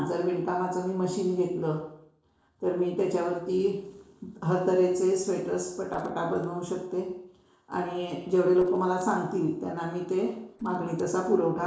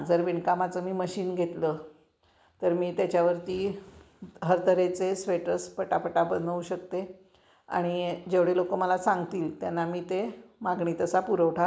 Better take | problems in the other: second | noise reduction (neural separator model SepFormer DNS4)

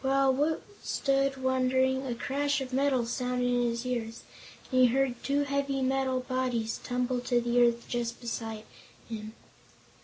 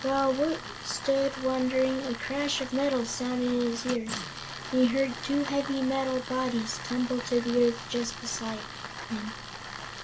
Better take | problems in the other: first | background sound (Tools); 10 dB below the speech

